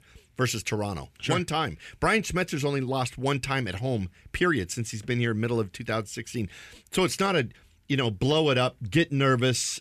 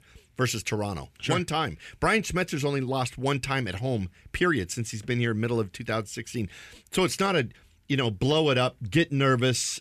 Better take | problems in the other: neither | none

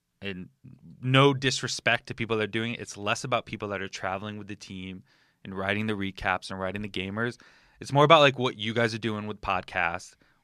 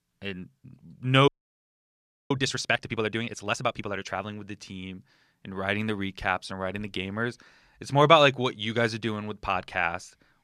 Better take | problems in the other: first | audio freezing; at 1.5 s for 1 s

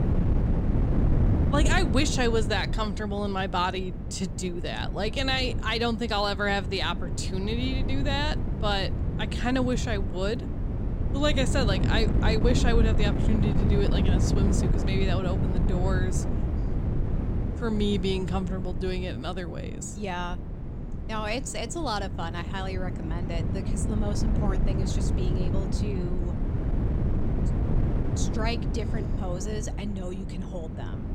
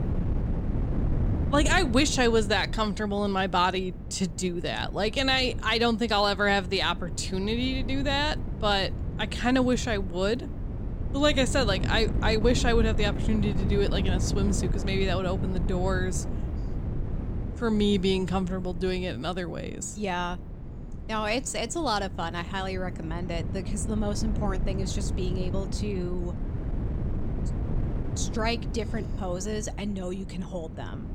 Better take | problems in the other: second | wind noise on the microphone; heavy; 7 dB below the speech; occasional gusts in the second

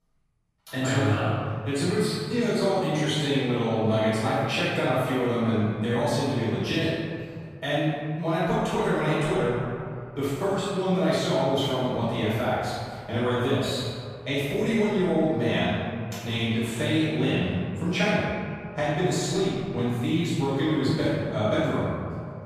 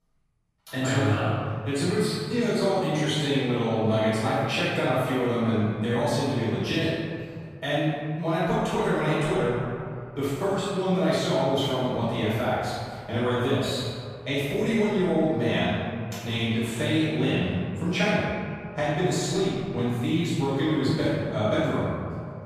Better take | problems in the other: neither | room echo; strong; dies away in 2.2 s; the same in both // off-mic speech; far; the same in both

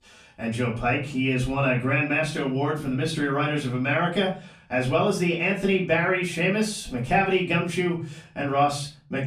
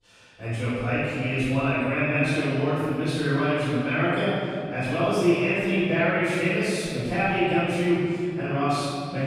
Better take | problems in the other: first | room echo; strong; dies away in 2.5 s; slight in the first // off-mic speech; far; far in the first

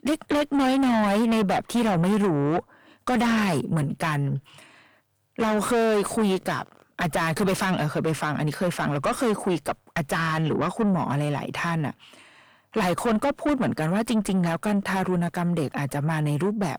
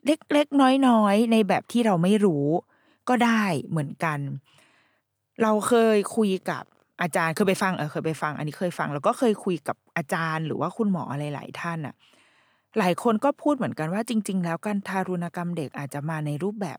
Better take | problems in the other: second | distortion; heavy; 6 dB below the speech

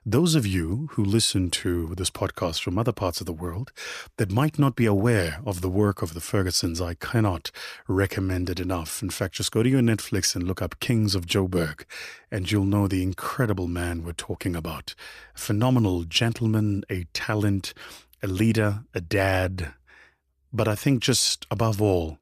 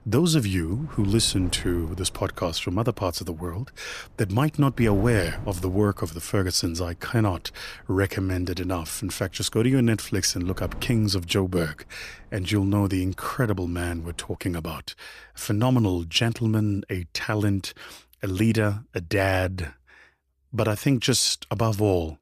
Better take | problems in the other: first | wind noise on the microphone; occasional gusts; until 14 s; 25 dB below the speech

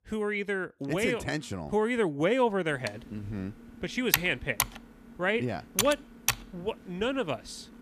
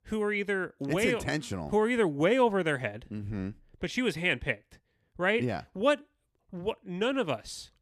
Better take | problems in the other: second | keyboard typing; loud; from 3 to 6.5 s; peak 3 dB above the speech

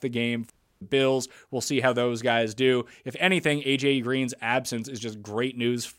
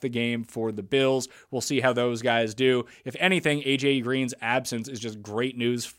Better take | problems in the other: second | audio cutting out; at 0.5 s

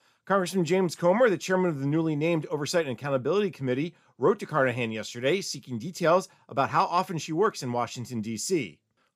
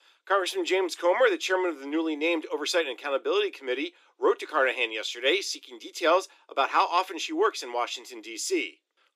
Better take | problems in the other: first | thin; very; fading below 300 Hz

